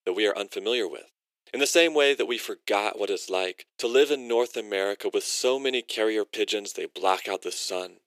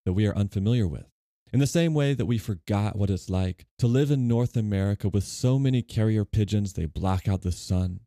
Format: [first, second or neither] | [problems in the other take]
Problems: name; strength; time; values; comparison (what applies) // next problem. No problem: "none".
second | thin; very; fading below 350 Hz